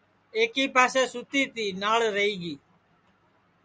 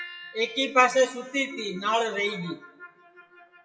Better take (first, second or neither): first